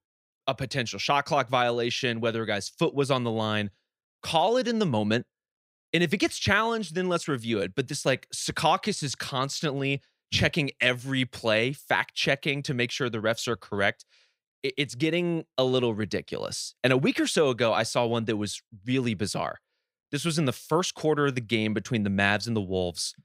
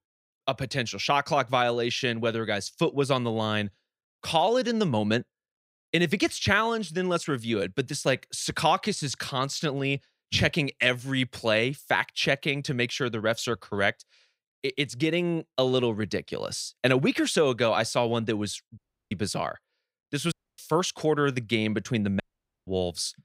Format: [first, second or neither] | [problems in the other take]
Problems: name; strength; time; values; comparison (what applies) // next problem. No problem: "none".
first | audio cutting out; at 19 s, at 20 s and at 22 s